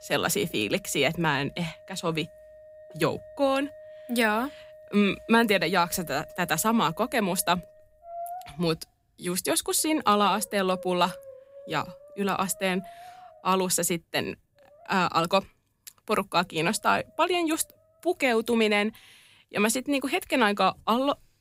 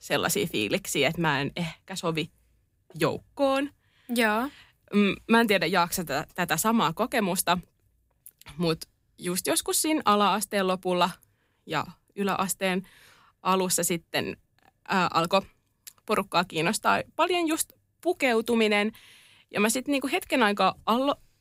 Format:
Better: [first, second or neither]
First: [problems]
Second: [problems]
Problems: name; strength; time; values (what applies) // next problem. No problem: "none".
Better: second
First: background music; faint; throughout; 20 dB below the speech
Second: none